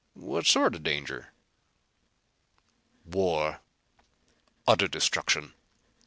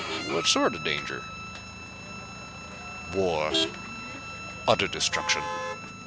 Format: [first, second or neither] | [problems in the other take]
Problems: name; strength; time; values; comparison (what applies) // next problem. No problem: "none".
first | background sound (Motor vehicle (road) + Bowed string instrument); 4 dB below the speech